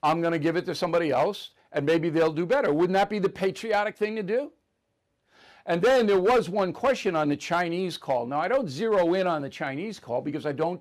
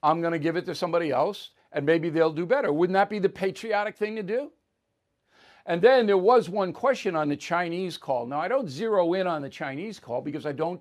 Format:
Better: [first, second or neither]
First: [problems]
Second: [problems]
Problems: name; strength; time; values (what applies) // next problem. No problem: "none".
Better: second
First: distortion; slight; 5% of the sound clipped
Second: none